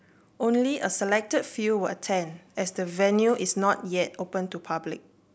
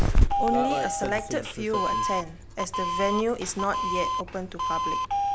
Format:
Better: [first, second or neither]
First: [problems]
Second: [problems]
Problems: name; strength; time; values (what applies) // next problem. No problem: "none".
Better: first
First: none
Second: background sound (Doorbell); 4 dB above the speech